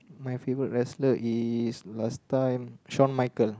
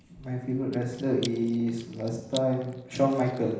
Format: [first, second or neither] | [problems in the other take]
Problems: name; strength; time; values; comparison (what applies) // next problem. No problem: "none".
first | background sound (Chewing, mastication); 19 dB below the speech // room echo; dies away in 0.9 s